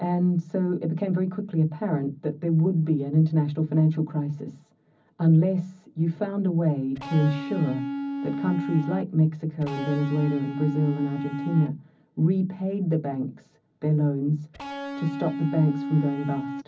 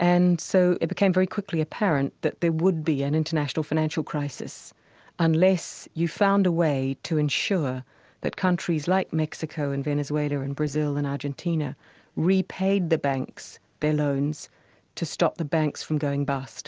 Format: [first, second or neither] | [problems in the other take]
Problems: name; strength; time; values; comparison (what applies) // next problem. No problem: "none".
second | background sound (Electric guitar); 6 dB below the speech // room echo; dies away in 0.4 s